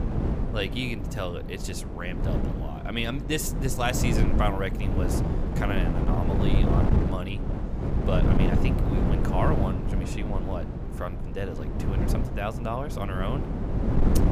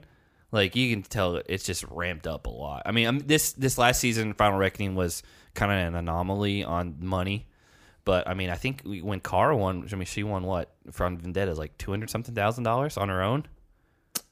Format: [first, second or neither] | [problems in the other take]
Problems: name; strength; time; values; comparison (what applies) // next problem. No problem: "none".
second | wind noise on the microphone; heavy; 2 dB below the speech